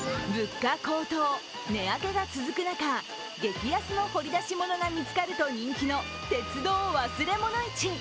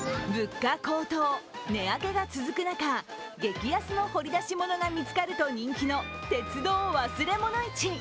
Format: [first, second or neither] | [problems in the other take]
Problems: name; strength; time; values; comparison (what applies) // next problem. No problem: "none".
second | background sound (Hiss); 14 dB below the speech